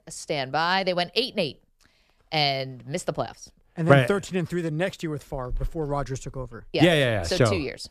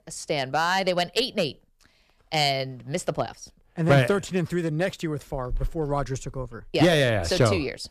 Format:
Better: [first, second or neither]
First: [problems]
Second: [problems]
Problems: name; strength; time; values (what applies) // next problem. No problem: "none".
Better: first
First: none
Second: distortion; slight; 1.3% of the sound clipped